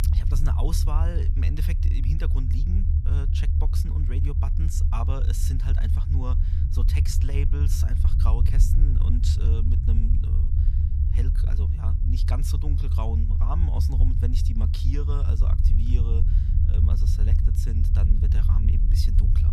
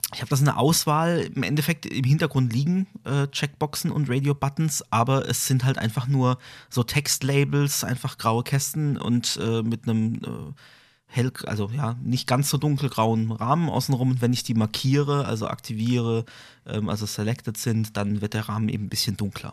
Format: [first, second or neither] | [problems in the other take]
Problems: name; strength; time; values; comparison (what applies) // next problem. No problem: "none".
second | low rumble; loud; throughout; 1 dB below the speech